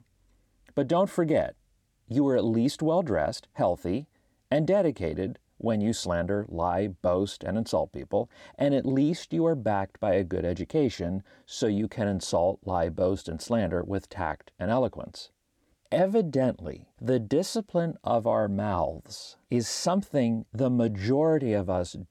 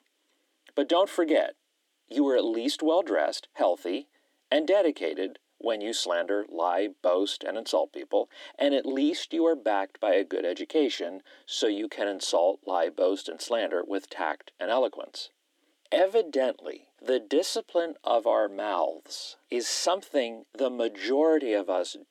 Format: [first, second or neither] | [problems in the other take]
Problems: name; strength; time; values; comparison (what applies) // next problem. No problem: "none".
first | thin; somewhat; fading below 300 Hz